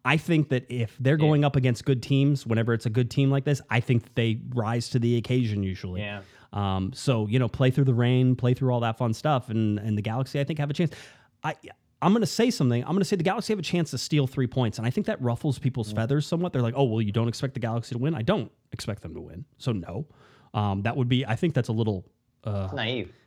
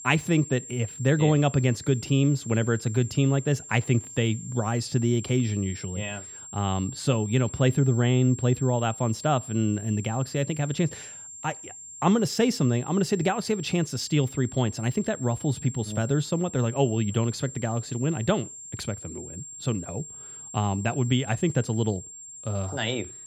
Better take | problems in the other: first | high-pitched whine; noticeable; throughout; 7.5 kHz, 15 dB below the speech

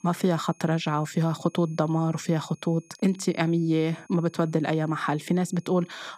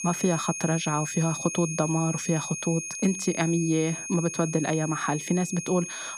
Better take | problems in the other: first | high-pitched whine; loud; throughout; 6.5 kHz, 6 dB below the speech; faint in the first

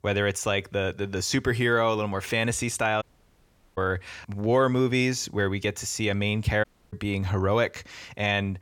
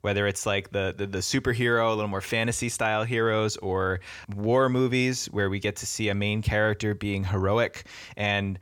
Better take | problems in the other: second | audio cutting out; at 3 s for 1 s and at 6.5 s

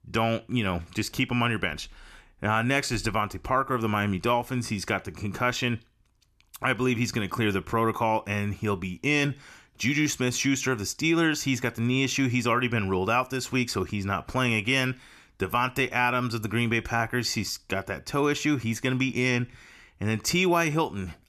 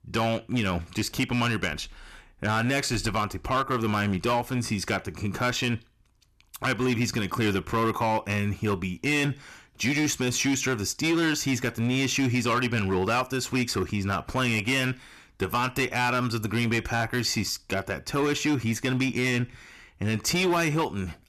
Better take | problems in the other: first | distortion; slight; 9% of the sound clipped

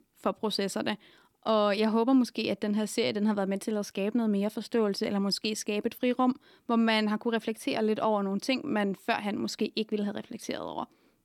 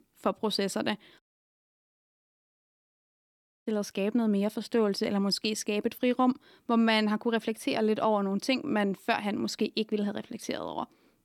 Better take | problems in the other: first | audio cutting out; at 1 s for 2.5 s

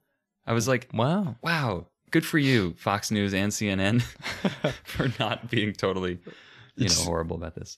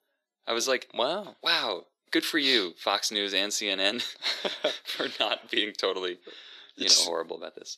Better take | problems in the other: first | thin; somewhat; fading below 350 Hz

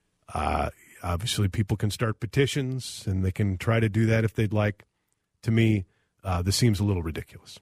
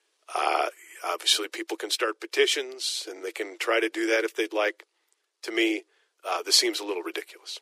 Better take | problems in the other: first | thin; very; fading below 350 Hz

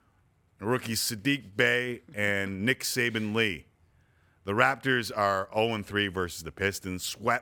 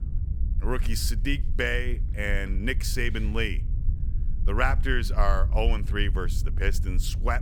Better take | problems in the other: first | low rumble; noticeable; throughout; 20 dB below the speech

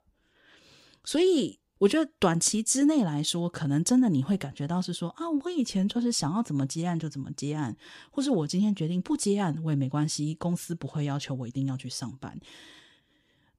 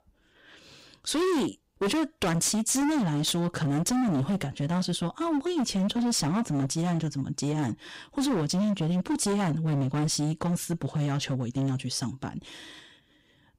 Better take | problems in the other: first | distortion; heavy; 22% of the sound clipped

